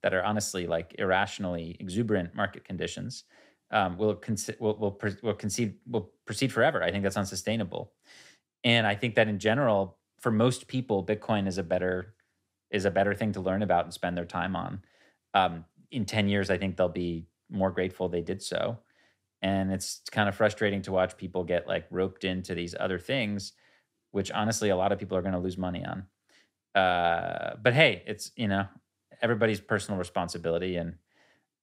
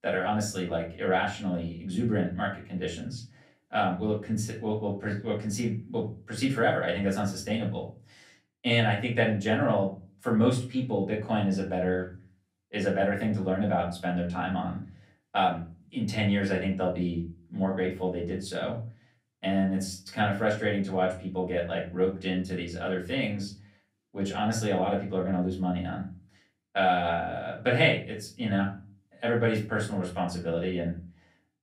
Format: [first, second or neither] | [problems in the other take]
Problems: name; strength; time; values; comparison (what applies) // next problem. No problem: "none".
first | off-mic speech; far // room echo; slight; dies away in 0.4 s